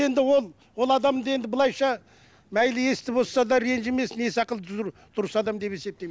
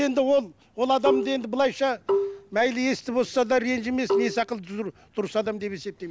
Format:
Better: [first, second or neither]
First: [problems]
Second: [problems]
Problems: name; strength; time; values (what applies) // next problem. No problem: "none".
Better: first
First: none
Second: background sound (Marimba, xylophone); 2 dB below the speech